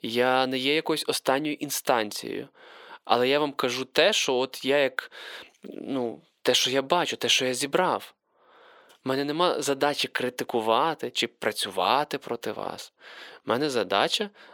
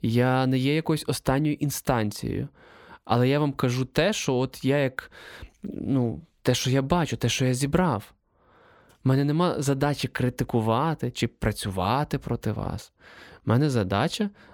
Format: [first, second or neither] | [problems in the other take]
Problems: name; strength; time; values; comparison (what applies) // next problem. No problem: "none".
second | thin; somewhat; fading below 450 Hz